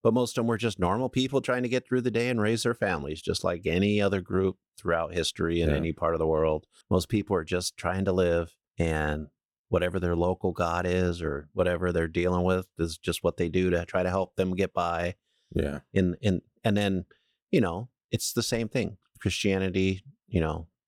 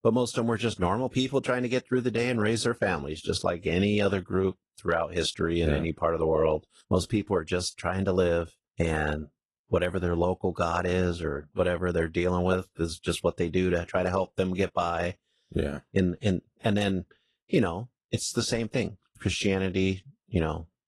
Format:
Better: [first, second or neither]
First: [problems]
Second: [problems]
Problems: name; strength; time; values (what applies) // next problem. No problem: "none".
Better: first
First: none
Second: garbled, watery; slightly; nothing above 11 kHz